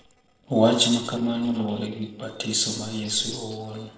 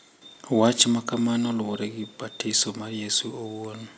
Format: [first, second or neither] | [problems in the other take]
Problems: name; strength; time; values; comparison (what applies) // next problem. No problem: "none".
second | noise reduction (neural separator model SepFormer DNS4)